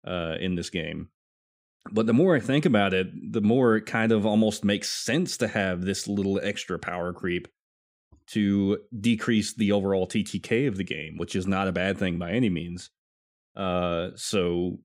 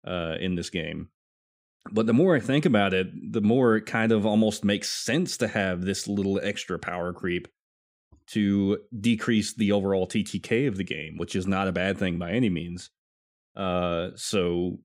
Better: neither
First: none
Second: none

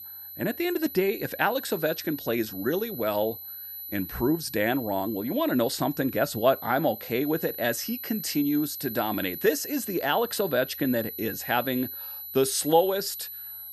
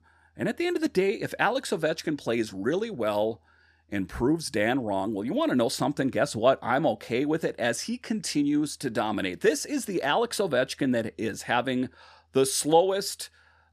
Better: second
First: high-pitched whine; loud; throughout; 12 kHz, 9 dB below the speech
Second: none

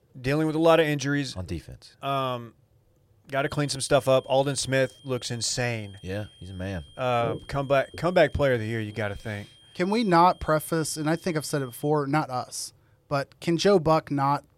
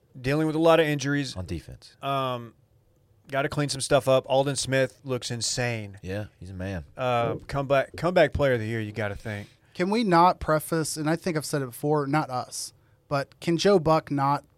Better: second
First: high-pitched whine; faint; from 3.5 to 12 s; 3 kHz, 25 dB below the speech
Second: none

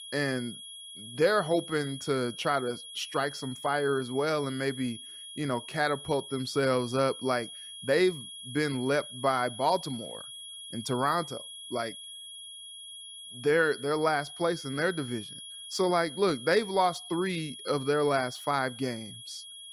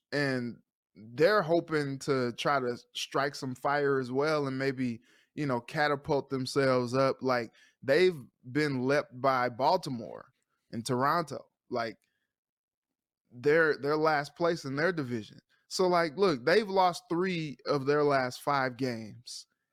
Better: second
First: high-pitched whine; noticeable; throughout; 3.5 kHz, 10 dB below the speech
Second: none

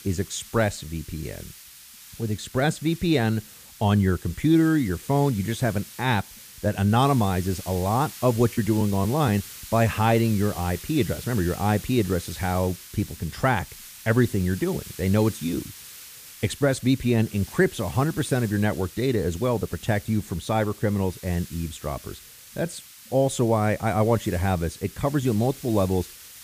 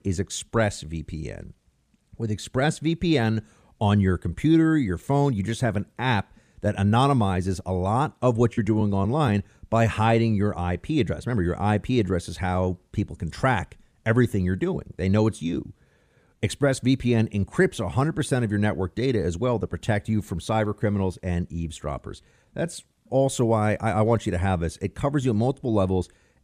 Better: second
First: hiss; noticeable; throughout; 15 dB below the speech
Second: none

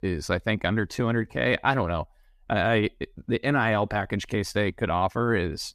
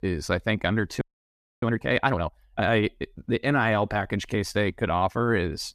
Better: first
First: none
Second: audio freezing; at 1 s for 0.5 s

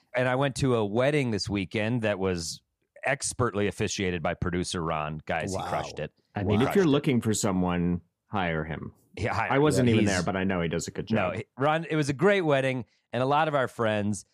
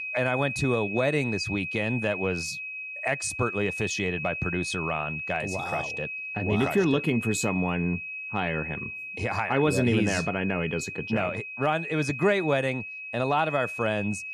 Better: first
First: none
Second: high-pitched whine; loud; throughout; 2.5 kHz, 5 dB below the speech

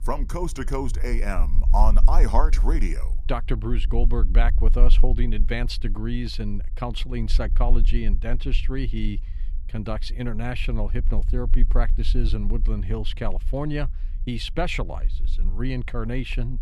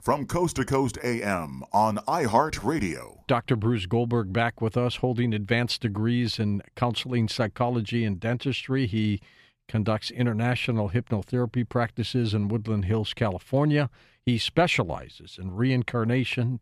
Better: second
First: low rumble; noticeable; throughout; 20 dB below the speech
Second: none

